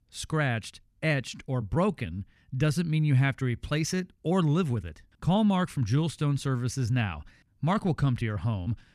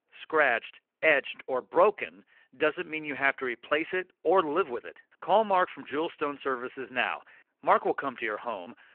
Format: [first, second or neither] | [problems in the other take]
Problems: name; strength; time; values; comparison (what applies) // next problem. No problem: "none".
first | phone-call audio